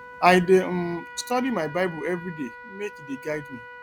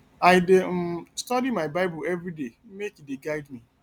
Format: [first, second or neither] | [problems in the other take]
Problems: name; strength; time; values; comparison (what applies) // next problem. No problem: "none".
second | background sound (Trumpet); 16 dB below the speech